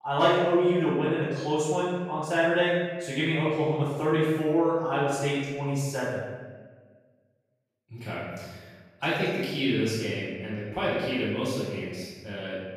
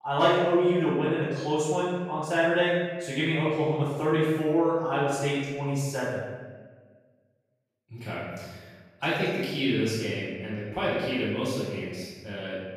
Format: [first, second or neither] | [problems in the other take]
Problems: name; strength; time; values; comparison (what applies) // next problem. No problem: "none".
neither | room echo; strong; dies away in 1.3 s; the same in both // off-mic speech; far; the same in both